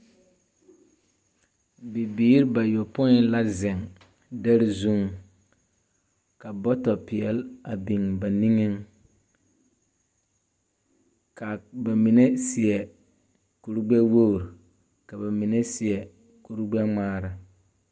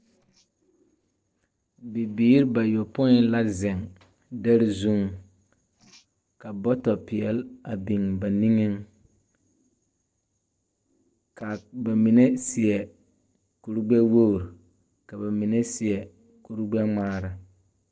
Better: first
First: none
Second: noise reduction (neural separator model SepFormer DNS4)

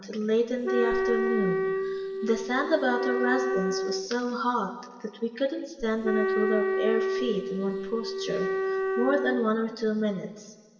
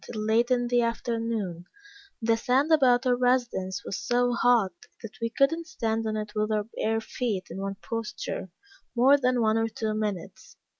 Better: second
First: background sound (Wind instrument, woodwind instrument); as loud as the speech // room echo; dies away in 2.4 s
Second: none

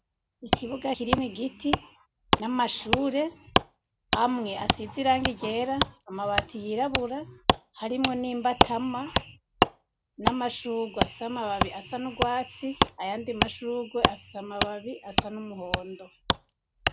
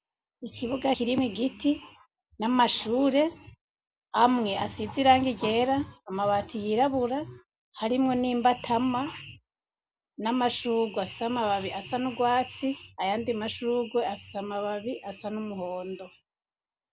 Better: second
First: background sound (Wood); 1 dB above the speech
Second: none

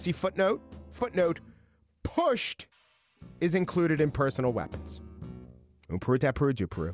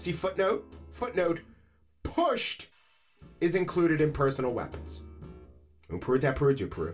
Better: first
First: none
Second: room echo; dies away in 0.2 s

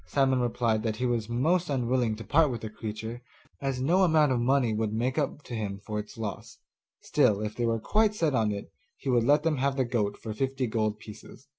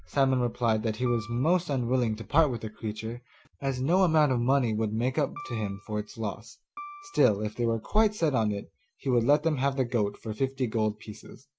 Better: first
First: none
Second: background sound (Piano); 19 dB below the speech

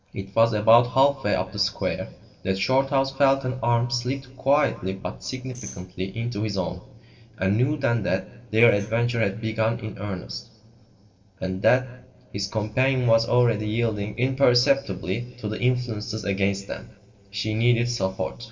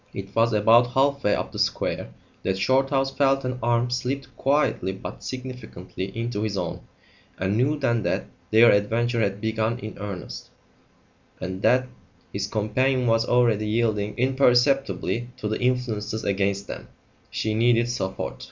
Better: second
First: noise reduction (neural separator model SepFormer DNS4)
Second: none

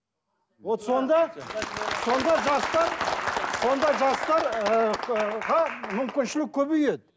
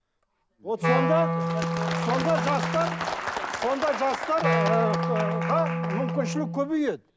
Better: first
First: none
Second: background sound (Wind instrument, woodwind instrument); 1 dB below the speech

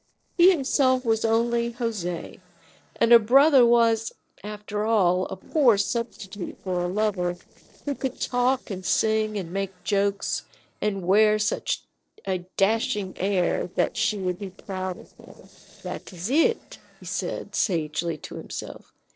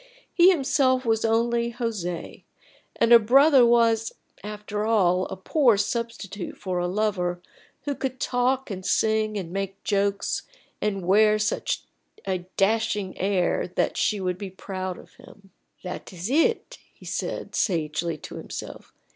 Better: second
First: noise reduction (neural separator model SepFormer DNS4)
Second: none

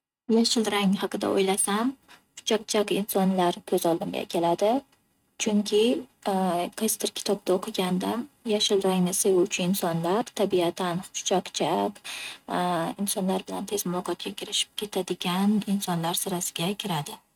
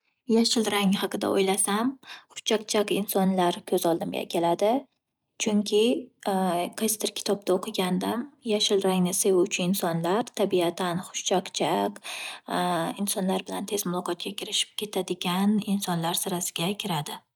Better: second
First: noise reduction (neural mask model RNNoise)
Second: none

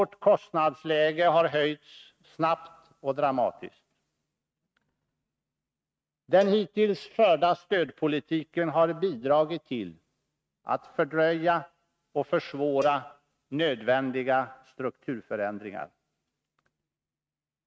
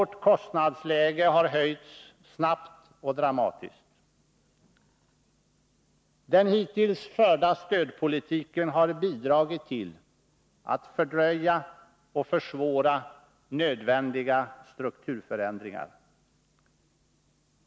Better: second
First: noise reduction (neural mask model RNNoise)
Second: none

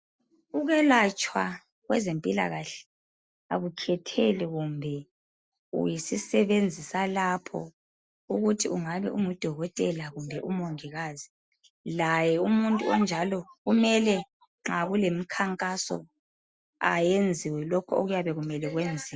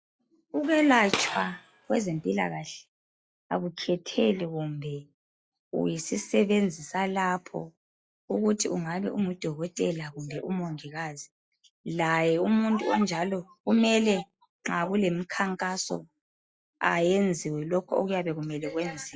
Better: first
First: none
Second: noise reduction (classical method log-MMSE)

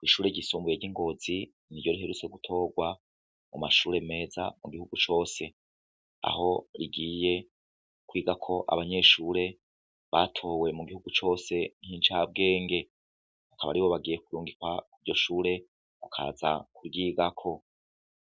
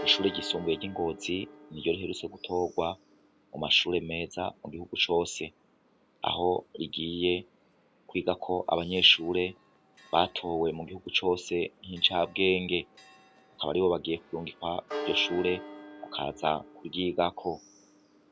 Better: first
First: none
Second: background sound (Church bell); 17 dB below the speech

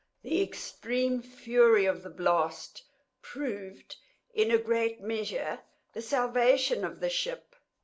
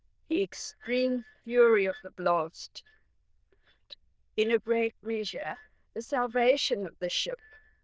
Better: first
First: none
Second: noise reduction (neural diffusion model UNIVERSE++)

